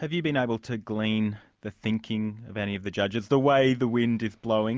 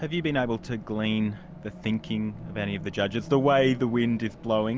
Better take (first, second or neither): first